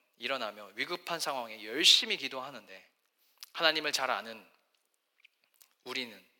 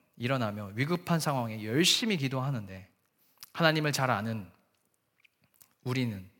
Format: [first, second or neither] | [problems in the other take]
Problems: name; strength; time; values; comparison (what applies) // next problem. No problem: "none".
second | thin; very; fading below 350 Hz